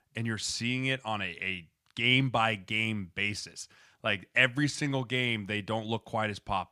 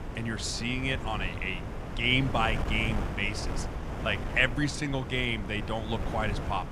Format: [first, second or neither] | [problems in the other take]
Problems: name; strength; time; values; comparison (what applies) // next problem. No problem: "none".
first | wind noise on the microphone; heavy; 10 dB below the speech